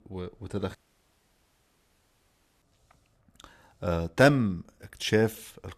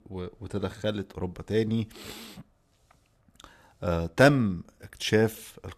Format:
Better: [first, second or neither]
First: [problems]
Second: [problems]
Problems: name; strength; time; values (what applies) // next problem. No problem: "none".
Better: second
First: audio cutting out; at 1 s for 2 s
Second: none